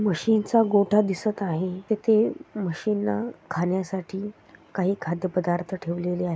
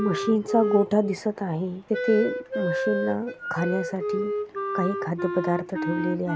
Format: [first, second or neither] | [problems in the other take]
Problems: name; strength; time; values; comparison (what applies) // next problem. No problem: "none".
first | background sound (Wind instrument, woodwind instrument); 4 dB below the speech